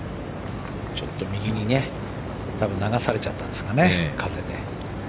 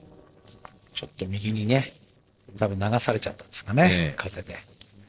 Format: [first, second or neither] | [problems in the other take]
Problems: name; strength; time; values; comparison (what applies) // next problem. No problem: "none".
first | noise reduction (neural separator model SepFormer DNS4)